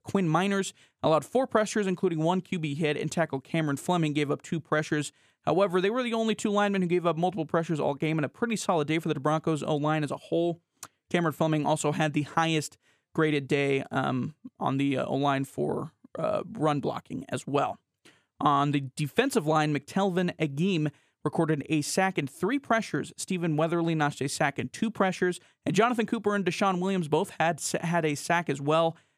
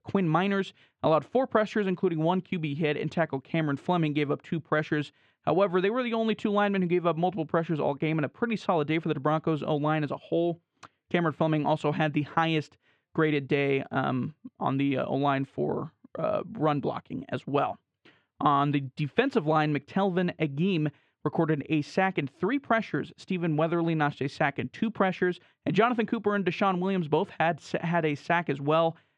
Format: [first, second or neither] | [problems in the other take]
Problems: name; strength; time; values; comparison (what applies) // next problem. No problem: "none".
first | muffled; slightly; fading above 3.5 kHz